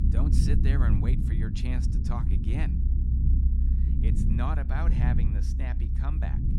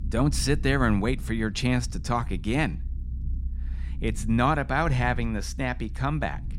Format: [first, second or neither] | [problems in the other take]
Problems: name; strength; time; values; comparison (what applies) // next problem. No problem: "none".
second | low rumble; loud; throughout; 1 dB below the speech; faint in the second